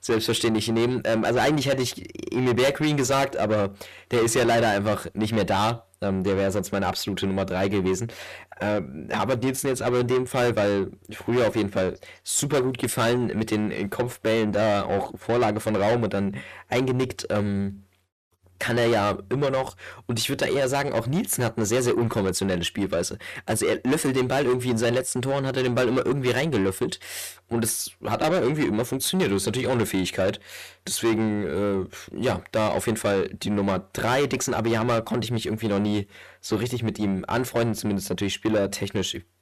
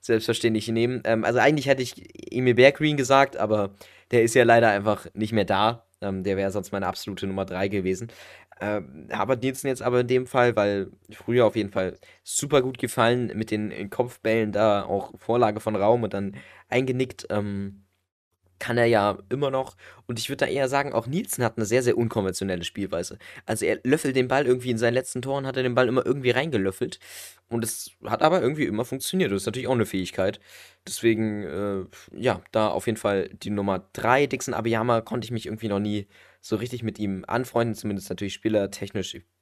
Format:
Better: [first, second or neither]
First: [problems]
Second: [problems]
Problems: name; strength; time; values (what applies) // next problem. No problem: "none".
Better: second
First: distortion; heavy; 6 dB below the speech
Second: none